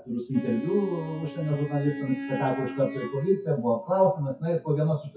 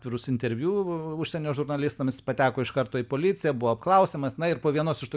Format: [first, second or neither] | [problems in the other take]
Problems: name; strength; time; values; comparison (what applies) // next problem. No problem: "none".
second | noise reduction (classical method WPE with log-MMSE)